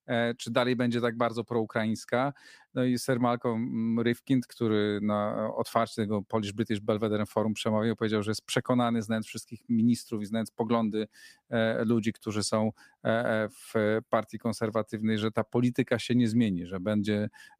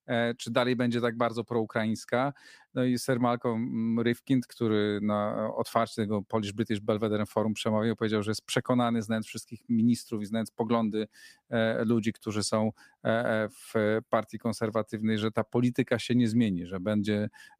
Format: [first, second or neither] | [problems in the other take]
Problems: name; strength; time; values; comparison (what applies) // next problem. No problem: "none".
neither | none